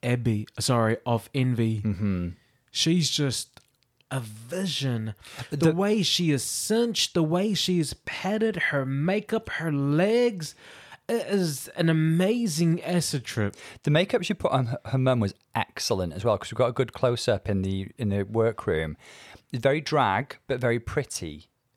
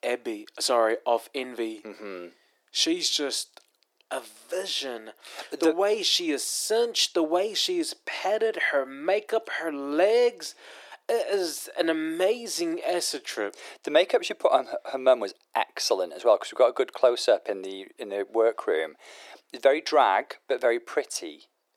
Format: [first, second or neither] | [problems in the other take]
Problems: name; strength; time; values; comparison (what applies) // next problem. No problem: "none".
first | thin; very; fading below 300 Hz